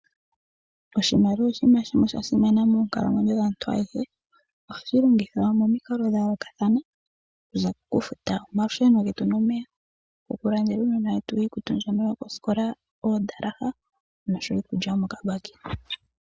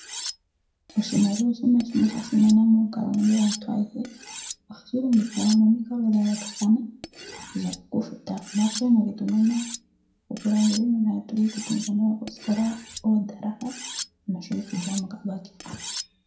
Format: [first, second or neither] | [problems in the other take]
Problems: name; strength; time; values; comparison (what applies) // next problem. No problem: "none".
first | background sound (Cutlery, silverware); 15 dB below the speech // room echo; dies away in 0.5 s